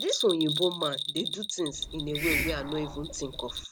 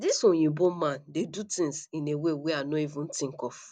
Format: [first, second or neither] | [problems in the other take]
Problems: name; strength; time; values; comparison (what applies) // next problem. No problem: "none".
second | background sound (Hiss + Bell); 3 dB below the speech